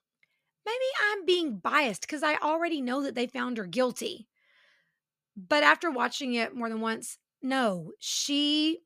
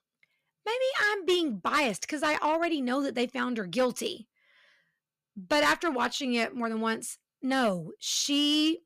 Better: first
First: none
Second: distortion; slight; 3% of the sound clipped

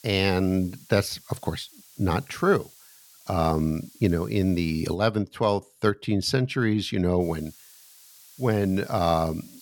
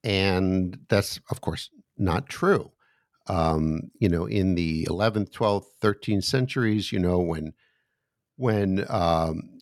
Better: second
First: hiss; faint; until 5 s and from 7 s on; 25 dB below the speech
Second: none

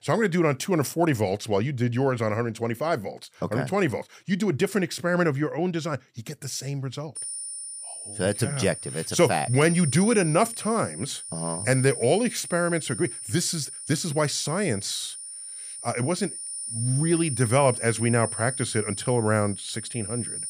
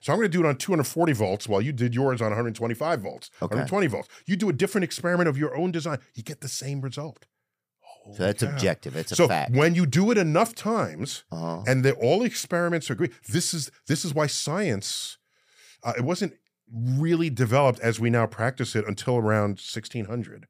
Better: second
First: high-pitched whine; loud; from 7 s on; 9.5 kHz, 7 dB below the speech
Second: none

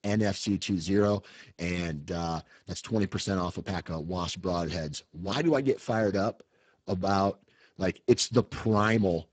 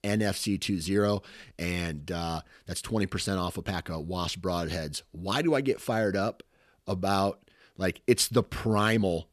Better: second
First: garbled, watery; badly; nothing above 7.5 kHz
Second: none

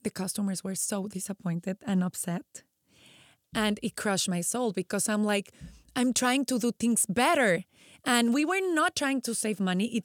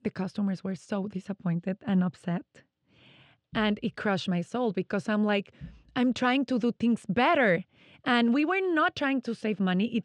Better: first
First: none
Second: muffled; slightly; fading above 3.5 kHz

